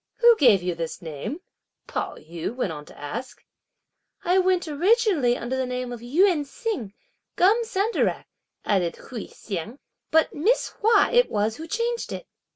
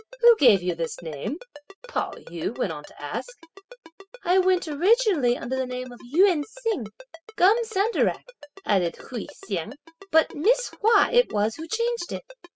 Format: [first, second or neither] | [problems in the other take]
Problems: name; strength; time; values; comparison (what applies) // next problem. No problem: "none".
first | noise reduction (classical method spectral subtraction)